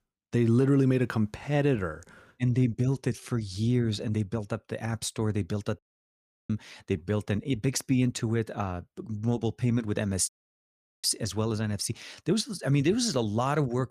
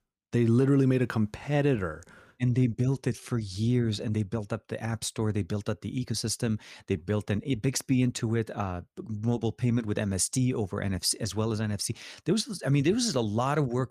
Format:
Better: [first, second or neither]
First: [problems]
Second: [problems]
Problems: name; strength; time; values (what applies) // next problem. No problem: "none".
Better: second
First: audio cutting out; at 6 s for 0.5 s and at 10 s for 1 s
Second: none